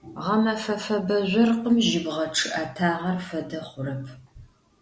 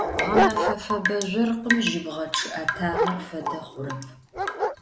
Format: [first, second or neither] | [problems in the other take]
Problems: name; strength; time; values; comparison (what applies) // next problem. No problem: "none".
first | background sound (Dog + Drip / Rain); 1 dB above the speech